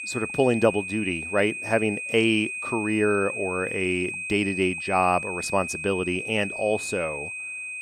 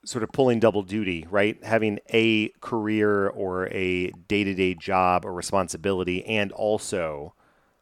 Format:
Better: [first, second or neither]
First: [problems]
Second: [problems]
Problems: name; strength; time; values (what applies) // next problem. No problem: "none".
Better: second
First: high-pitched whine; loud; throughout; 2.5 kHz, 6 dB below the speech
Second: none